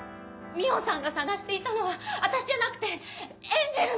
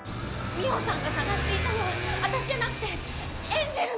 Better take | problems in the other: first | background sound (Motorcycle / Accelerating, revving, vroom); as loud as the speech

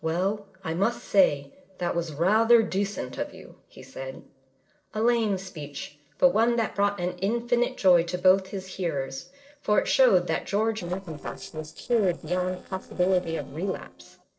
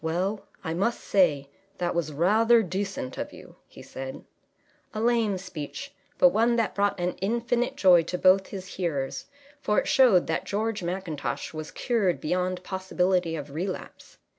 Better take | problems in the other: second | noise reduction (neural separator model SepFormer DNS4)

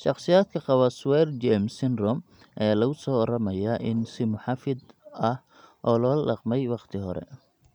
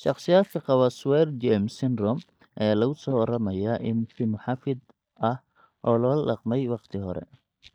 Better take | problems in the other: first | noise reduction (neural mask model DeepFilterNet 3)

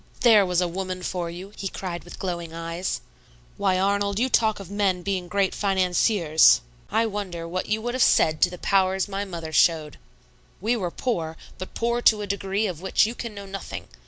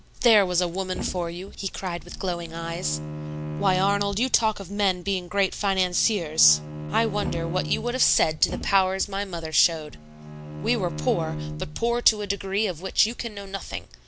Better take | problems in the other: first | background sound (Bowed string instrument + Thump, thud); 9 dB below the speech

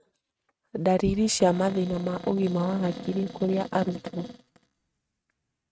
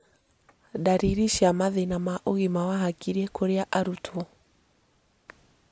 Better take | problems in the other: second | noise reduction (neural mask model RNNoise)

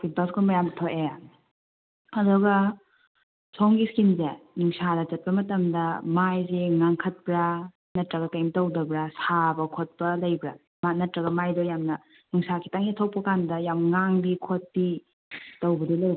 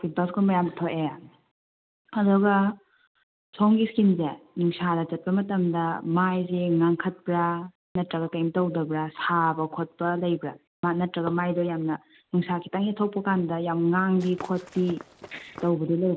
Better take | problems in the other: first | background sound (Walk, footsteps / Run); 18 dB below the speech

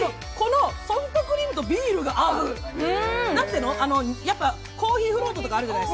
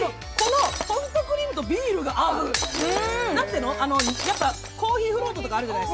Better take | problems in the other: first | background sound (Shatter); 7 dB below the speech

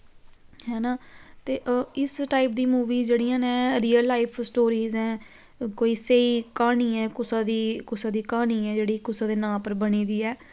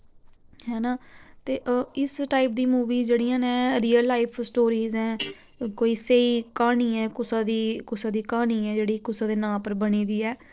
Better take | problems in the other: first | noise reduction (neural separator model SepFormer DNS4)

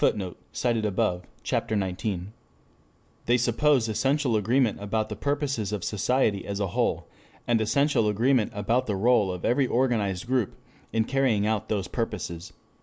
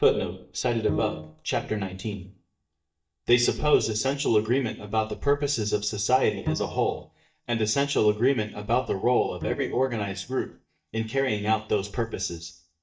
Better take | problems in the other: first | noise reduction (neural mask model DeepFilterNet 3)

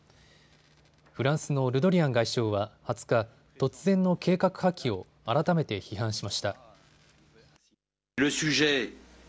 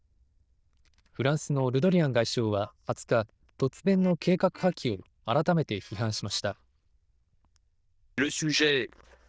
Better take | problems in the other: first | noise reduction (neural diffusion model UNIVERSE++)

